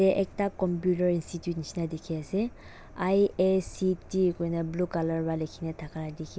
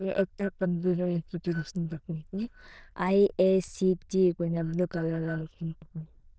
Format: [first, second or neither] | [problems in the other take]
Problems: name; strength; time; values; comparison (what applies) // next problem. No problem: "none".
first | noise reduction (neural diffusion model UNIVERSE++)